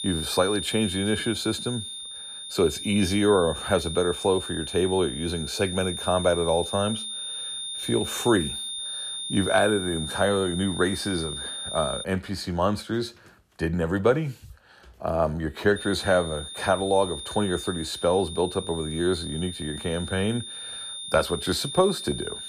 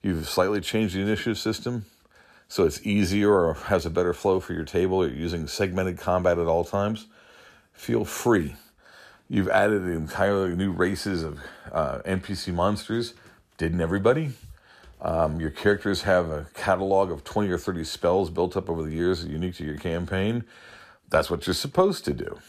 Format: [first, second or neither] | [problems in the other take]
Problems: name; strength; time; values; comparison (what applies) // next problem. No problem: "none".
second | high-pitched whine; loud; until 12 s and from 16 s on; 3.5 kHz, 7 dB below the speech